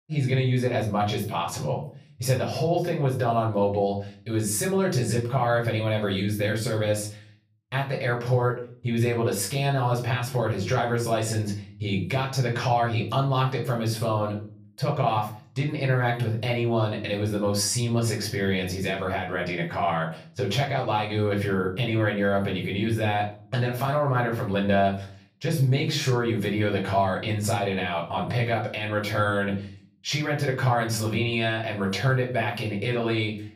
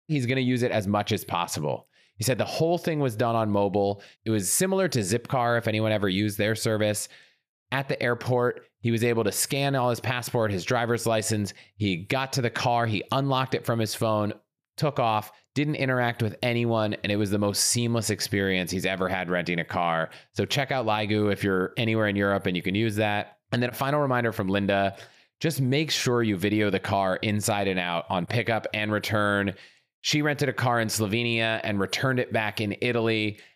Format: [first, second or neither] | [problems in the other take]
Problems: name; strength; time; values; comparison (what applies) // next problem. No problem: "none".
second | room echo; slight; dies away in 0.5 s // off-mic speech; far